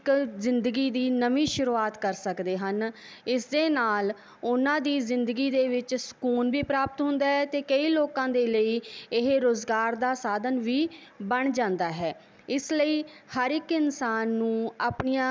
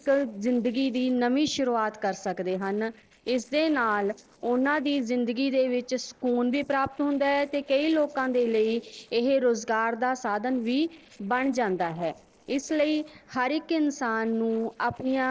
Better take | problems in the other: first | noise reduction (neural separator model SepFormer DNS4)

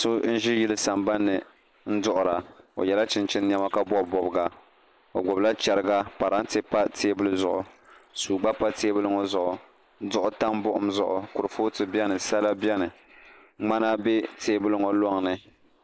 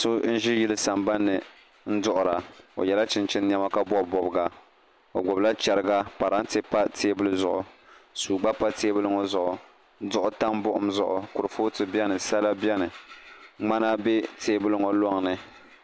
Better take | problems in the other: second | noise reduction (neural mask model Resemble Enhance denoiser)

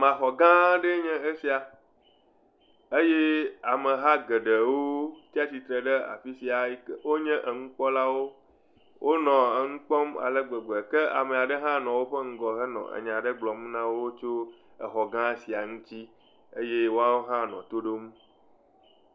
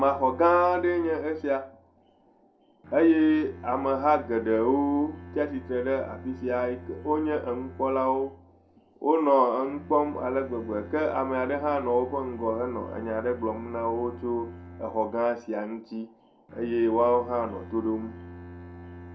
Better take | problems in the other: first | background sound (Bowed string instrument); 17 dB below the speech // room echo; dies away in 0.2 s

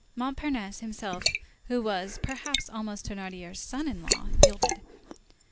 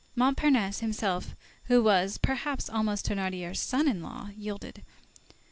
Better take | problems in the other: second | background sound (Liquid); 4 dB above the speech

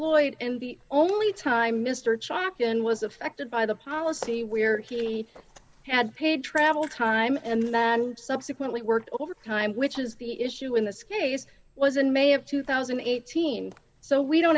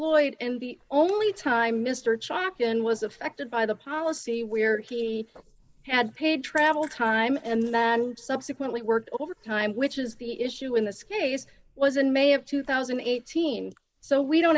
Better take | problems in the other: first | noise reduction (neural mask model Resemble Enhance denoiser)

